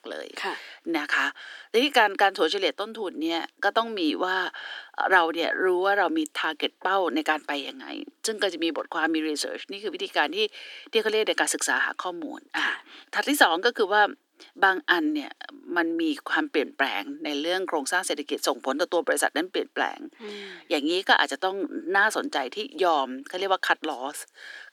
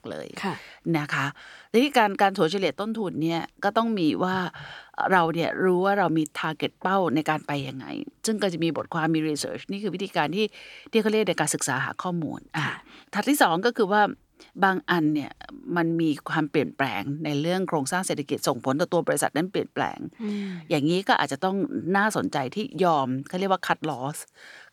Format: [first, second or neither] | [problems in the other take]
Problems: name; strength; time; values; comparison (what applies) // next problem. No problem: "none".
second | thin; somewhat; fading below 300 Hz